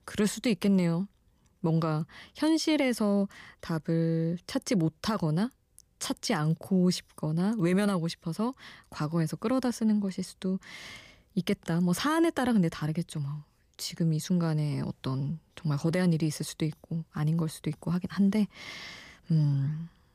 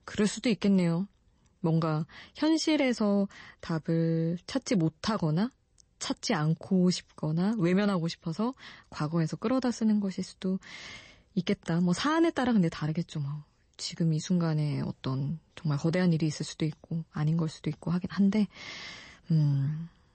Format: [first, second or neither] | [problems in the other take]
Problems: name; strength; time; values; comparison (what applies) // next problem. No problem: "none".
first | garbled, watery; slightly; nothing above 8 kHz